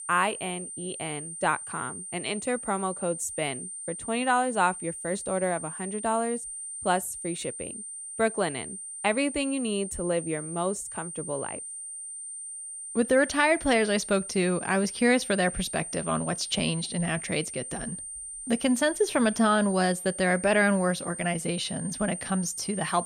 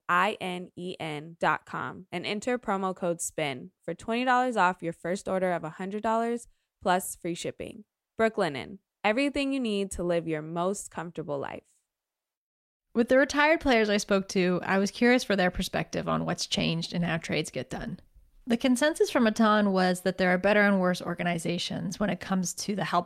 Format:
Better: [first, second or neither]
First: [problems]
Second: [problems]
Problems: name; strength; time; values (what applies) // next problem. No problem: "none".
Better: second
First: high-pitched whine; loud; throughout; 9 kHz, 8 dB below the speech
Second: none